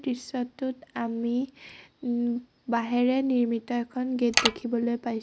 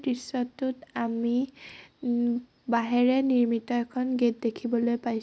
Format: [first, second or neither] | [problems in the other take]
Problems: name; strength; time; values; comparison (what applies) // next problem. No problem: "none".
second | background sound (Mechanisms); 3 dB above the speech